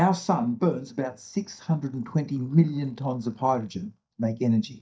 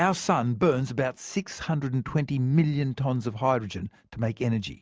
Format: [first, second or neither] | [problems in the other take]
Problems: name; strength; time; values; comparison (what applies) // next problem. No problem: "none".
second | noise reduction (neural mask model DeepFilterNet 3)